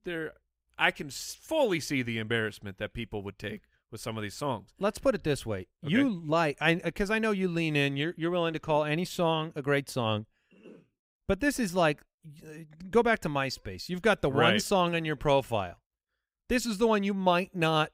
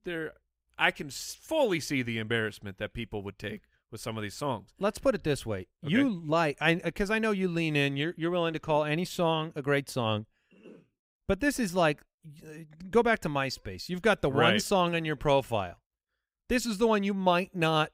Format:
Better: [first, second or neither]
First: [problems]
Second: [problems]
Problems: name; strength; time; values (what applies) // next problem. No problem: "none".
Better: neither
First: none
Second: none